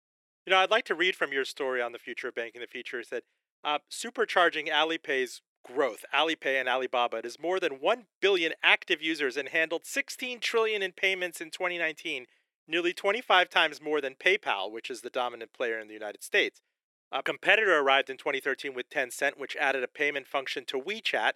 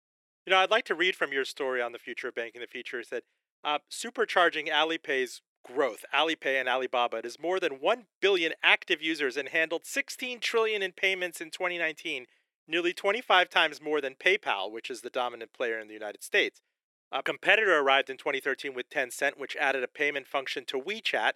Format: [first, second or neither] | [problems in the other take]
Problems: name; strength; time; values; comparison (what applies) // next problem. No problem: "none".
neither | thin; very; fading below 350 Hz; the same in both